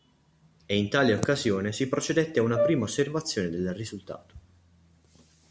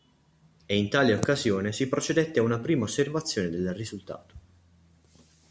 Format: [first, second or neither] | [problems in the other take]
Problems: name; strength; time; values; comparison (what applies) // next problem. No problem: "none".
second | background sound (Brass instrument); 4 dB below the speech